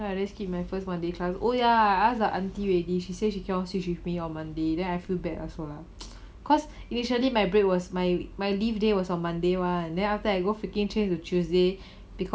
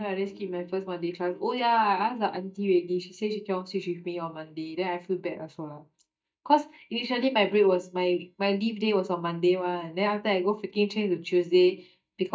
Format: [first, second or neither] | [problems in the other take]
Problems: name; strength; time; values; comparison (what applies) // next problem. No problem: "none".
first | noise reduction (neural mask model DeepFilterNet 3)